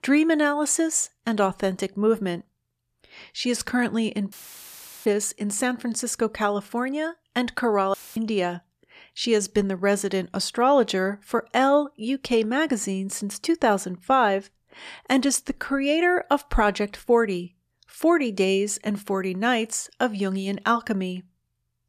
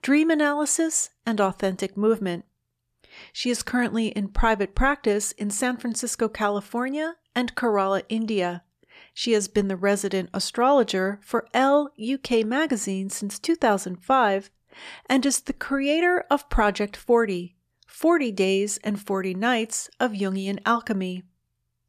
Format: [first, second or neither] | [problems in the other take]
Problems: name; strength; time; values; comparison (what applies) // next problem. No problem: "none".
second | audio cutting out; filled with static; at 4.5 s for 0.5 s and at 8 s